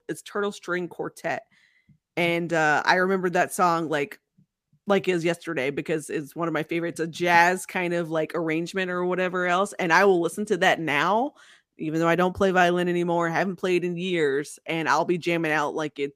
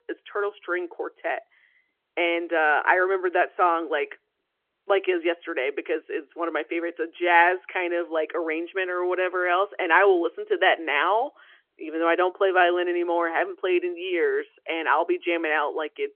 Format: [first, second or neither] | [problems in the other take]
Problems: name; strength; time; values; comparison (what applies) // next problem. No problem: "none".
first | phone-call audio